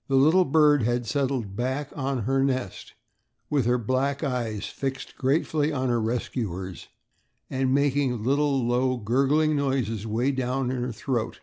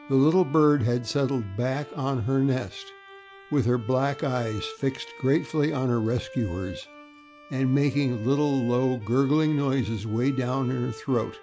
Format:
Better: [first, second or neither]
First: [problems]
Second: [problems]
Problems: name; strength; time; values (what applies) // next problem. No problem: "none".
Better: first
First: none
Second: background sound (Bowed string instrument); 18 dB below the speech